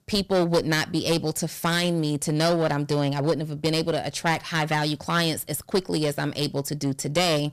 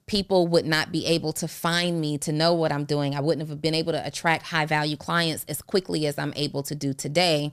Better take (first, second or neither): second